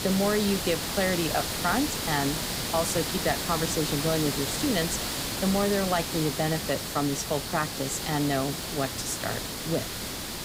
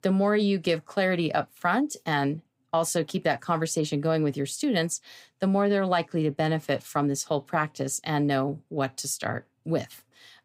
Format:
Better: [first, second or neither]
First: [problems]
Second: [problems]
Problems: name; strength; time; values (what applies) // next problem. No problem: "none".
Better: second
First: hiss; loud; throughout; 1 dB below the speech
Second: none